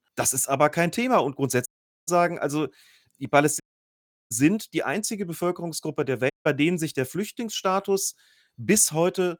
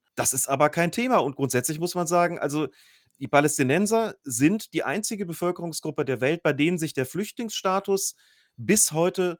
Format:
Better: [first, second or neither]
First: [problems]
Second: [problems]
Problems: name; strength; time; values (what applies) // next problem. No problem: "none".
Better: second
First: audio cutting out; at 1.5 s, at 3.5 s for 0.5 s and at 6.5 s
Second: none